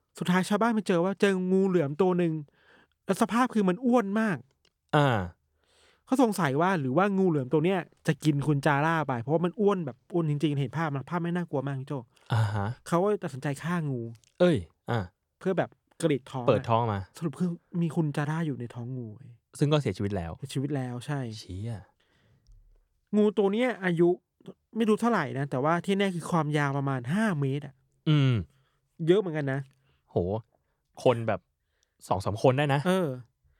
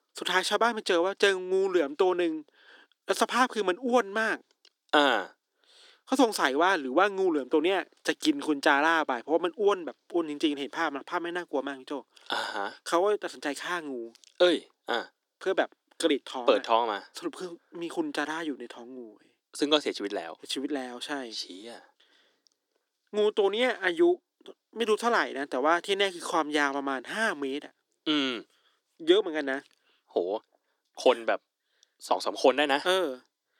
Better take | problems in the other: first | thin; somewhat; fading below 300 Hz

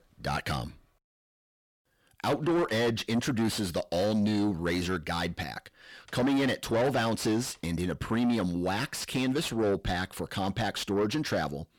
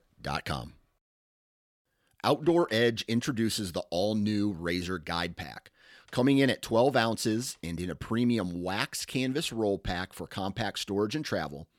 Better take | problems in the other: second | distortion; heavy; 7 dB below the speech

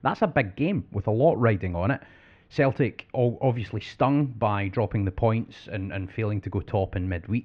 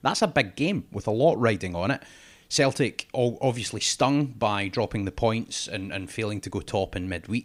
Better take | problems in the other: second | muffled; very; fading above 2.5 kHz

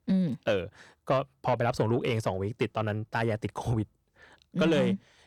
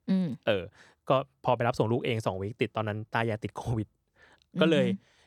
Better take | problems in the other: second | distortion; slight; 10 dB below the speech

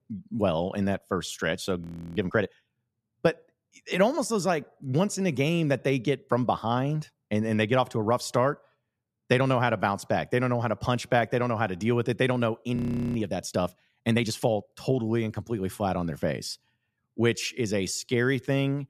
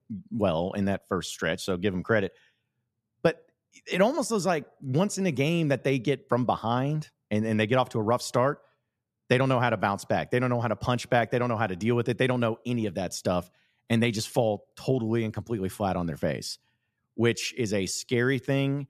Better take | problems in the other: second | audio freezing; at 2 s and at 13 s

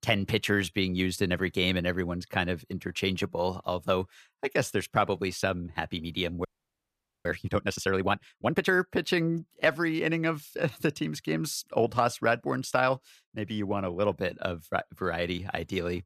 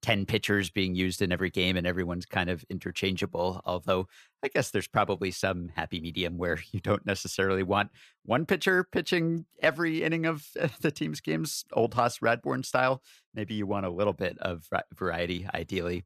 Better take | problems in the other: second | audio freezing; at 6.5 s for 1 s

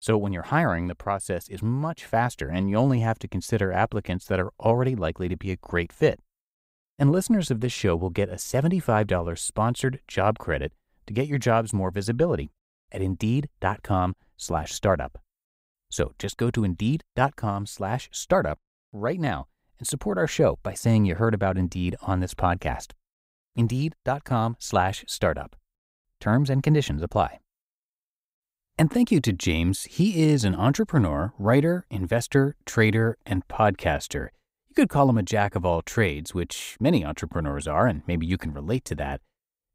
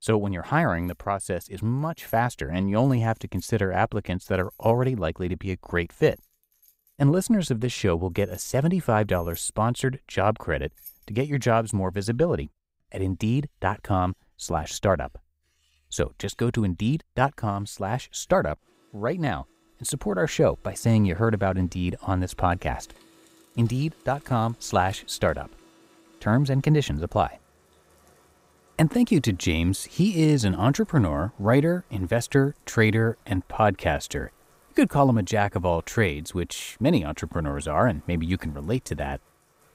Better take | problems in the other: first | household noises; faint; throughout; 30 dB below the speech

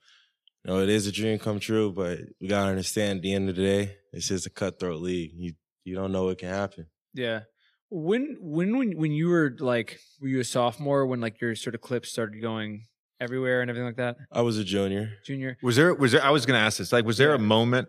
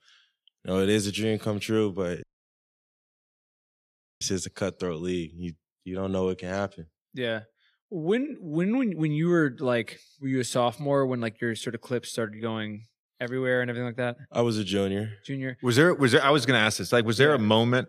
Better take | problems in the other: first | audio cutting out; at 2 s for 2 s

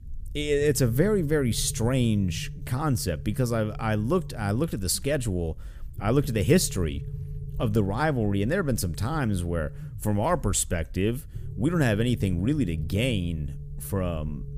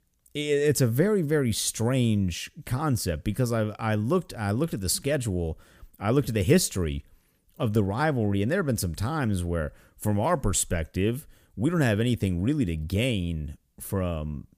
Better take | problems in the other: second | low rumble; faint; throughout; 20 dB below the speech

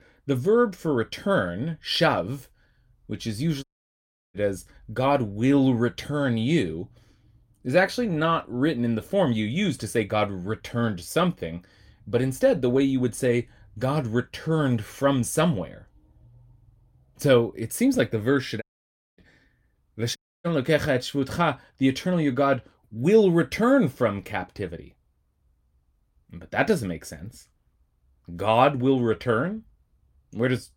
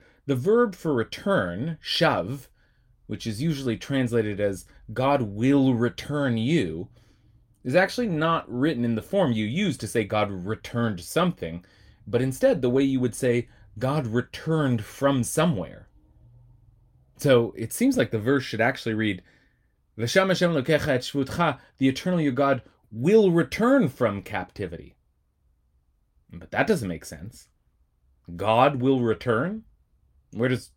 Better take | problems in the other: second | audio cutting out; at 3.5 s for 0.5 s, at 19 s for 0.5 s and at 20 s

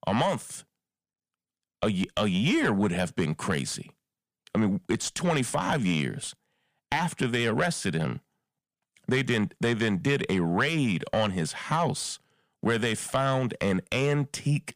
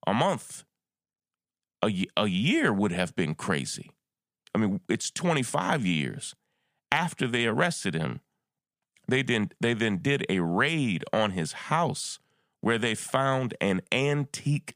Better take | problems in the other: second | distortion; slight; 10 dB below the speech

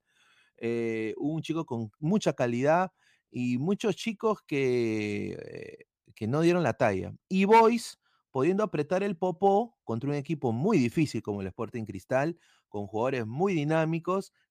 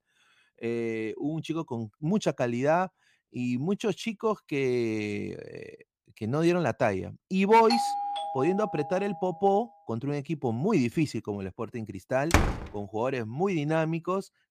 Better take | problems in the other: first | doorbell; loud; from 7.5 to 9 s; peak level with the speech // door banging; loud; at 12 s; peak 3 dB above the speech

